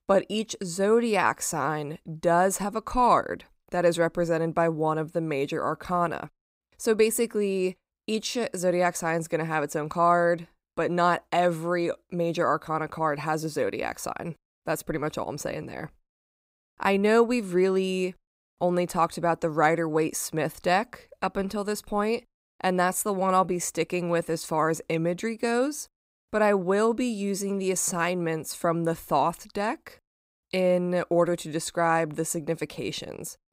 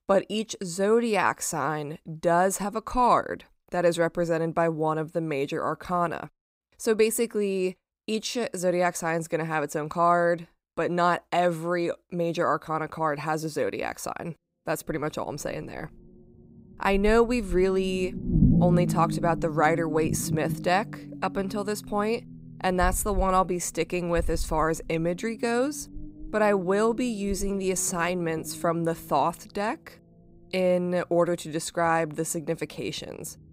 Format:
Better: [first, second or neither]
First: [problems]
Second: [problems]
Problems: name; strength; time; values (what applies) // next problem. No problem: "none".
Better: first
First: none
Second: low rumble; noticeable; from 14 s on; 15 dB below the speech